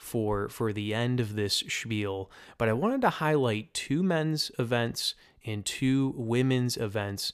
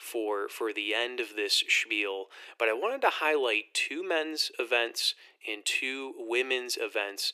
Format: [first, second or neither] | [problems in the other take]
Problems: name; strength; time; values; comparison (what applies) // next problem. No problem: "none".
first | thin; very; fading below 350 Hz